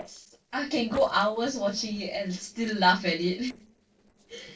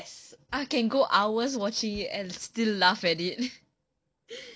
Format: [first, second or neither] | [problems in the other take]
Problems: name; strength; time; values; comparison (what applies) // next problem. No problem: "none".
second | noise reduction (neural separator model SepFormer DNS4)